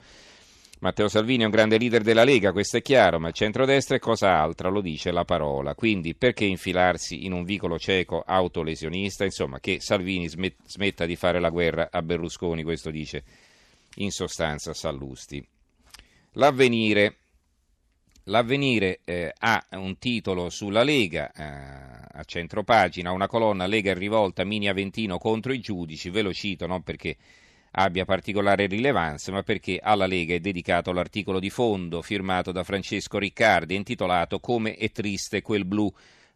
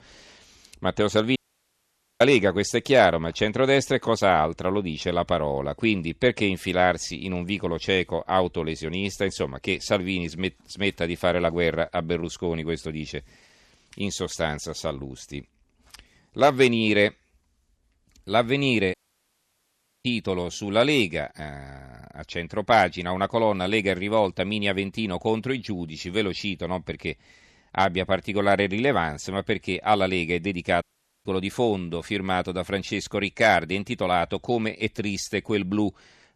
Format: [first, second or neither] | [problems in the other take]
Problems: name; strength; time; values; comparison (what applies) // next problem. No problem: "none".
first | audio cutting out; at 1.5 s for 1 s, at 19 s for 1 s and at 31 s